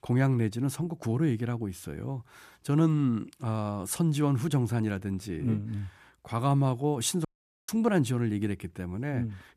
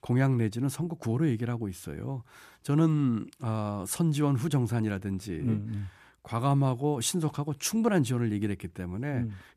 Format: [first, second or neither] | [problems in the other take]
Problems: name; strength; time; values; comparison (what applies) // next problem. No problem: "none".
second | audio cutting out; at 7.5 s